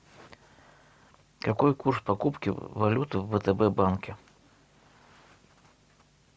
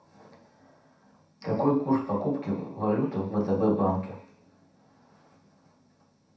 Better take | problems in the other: first | room echo; dies away in 0.7 s

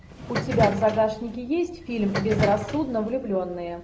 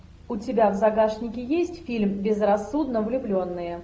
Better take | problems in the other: second | background sound (Subway, metro, underground); 5 dB below the speech

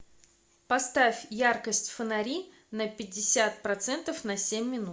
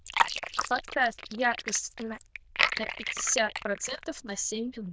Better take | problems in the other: first | noise reduction (neural diffusion model UNIVERSE++)

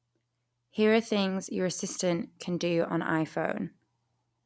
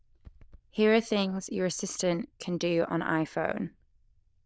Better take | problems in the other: first | noise reduction (neural diffusion model UNIVERSE++)

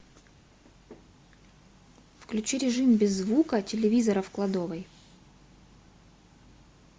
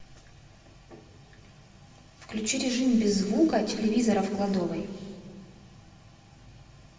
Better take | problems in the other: first | room echo; dies away in 1.7 s

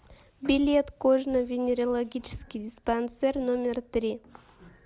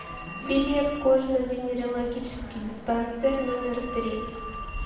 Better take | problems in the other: first | background sound (Telephone); 11 dB below the speech // room echo; dies away in 1.1 s

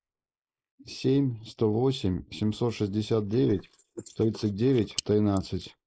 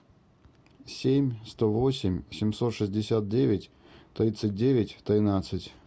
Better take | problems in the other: second | noise reduction (neural mask model Resemble Enhance denoiser)

